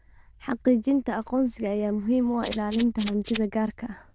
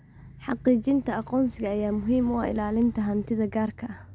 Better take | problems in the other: second | noise reduction (neural diffusion model UNIVERSE++)

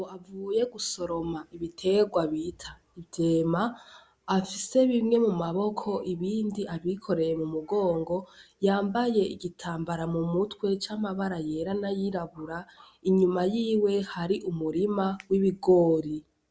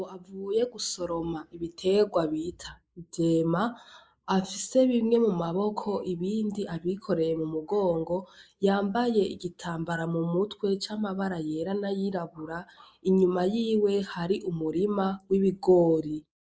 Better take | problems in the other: first | noise reduction (neural mask model Resemble Enhance denoiser)

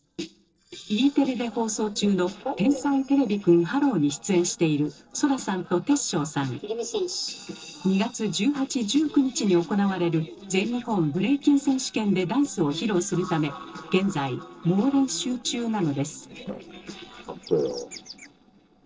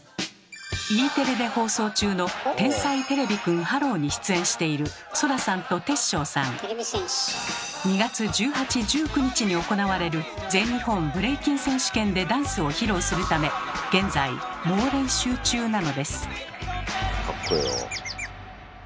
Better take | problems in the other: second | noise reduction (neural separator model SepFormer DNS4)

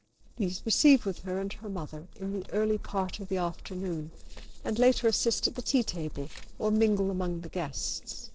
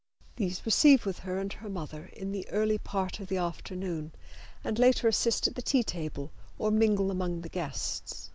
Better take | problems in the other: second | noise reduction (neural separator model SepFormer DNS4)

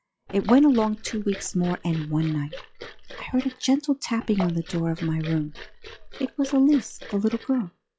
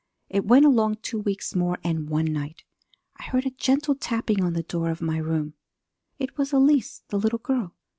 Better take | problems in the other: second | noise reduction (classical method log-MMSE)

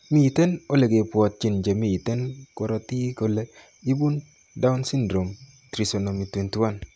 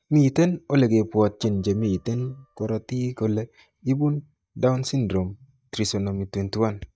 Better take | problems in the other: first | noise reduction (neural mask model DeepFilterNet 3)

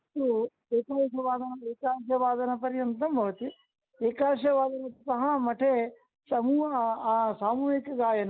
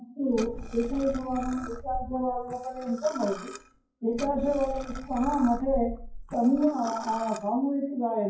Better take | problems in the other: first | noise reduction (classical method WPE with log-MMSE)

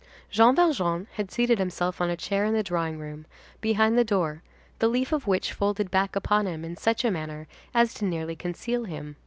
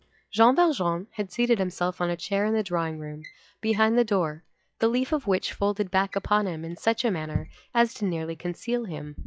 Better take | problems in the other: first | noise reduction (classical method log-MMSE)

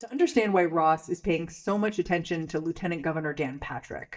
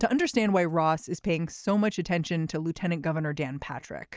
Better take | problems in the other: second | noise reduction (neural mask model DeepFilterNet 3)

